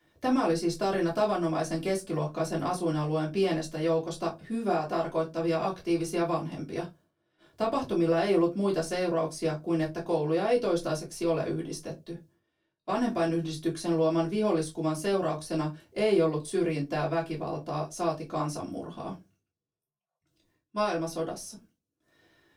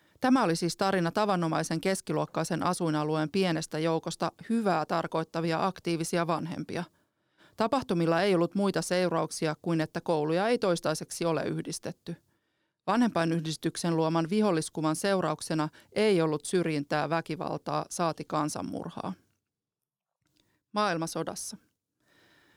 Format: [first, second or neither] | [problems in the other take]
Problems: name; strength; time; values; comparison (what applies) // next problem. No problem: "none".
second | off-mic speech; far // room echo; very slight; dies away in 0.2 s